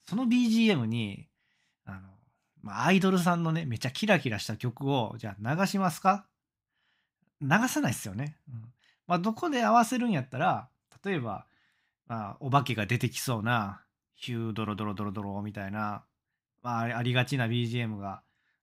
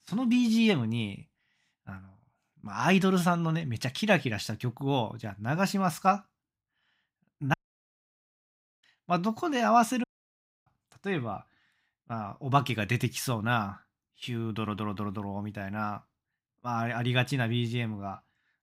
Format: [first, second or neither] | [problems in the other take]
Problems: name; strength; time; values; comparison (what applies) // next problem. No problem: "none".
first | audio cutting out; at 7.5 s for 1.5 s and at 10 s for 0.5 s